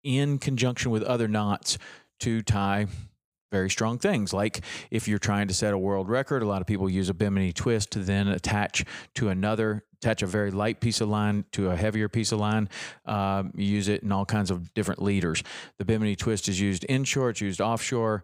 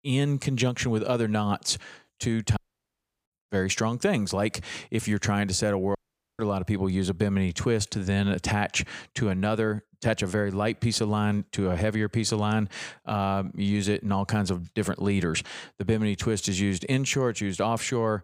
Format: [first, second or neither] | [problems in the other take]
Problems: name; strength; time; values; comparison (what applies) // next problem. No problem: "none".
first | audio cutting out; at 2.5 s for 0.5 s and at 6 s